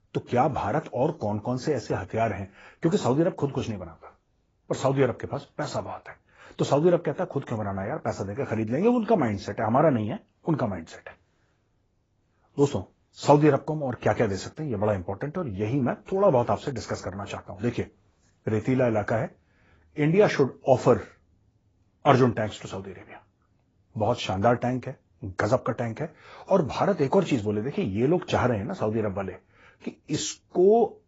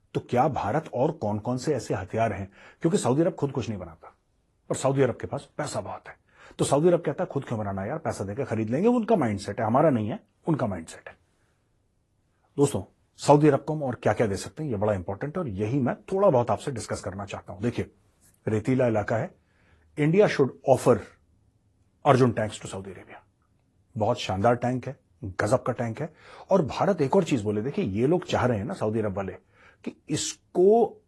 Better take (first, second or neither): second